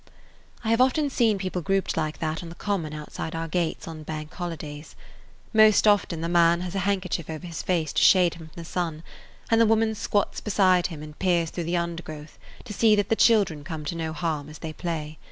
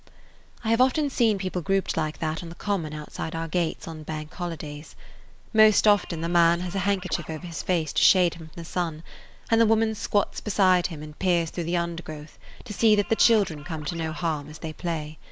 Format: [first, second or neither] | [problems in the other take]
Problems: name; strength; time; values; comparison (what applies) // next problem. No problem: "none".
first | background sound (Scratching (performance technique)); 19 dB below the speech